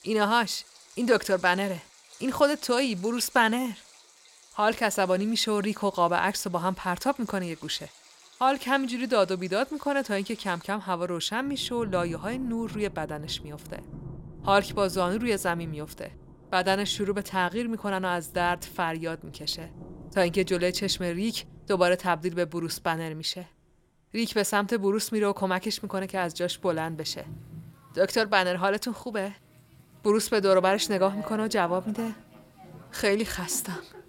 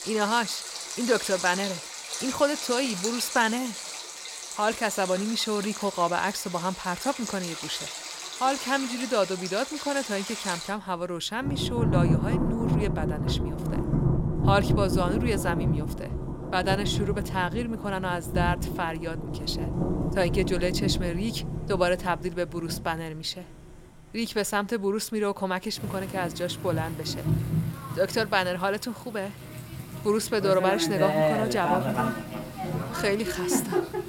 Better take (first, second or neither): first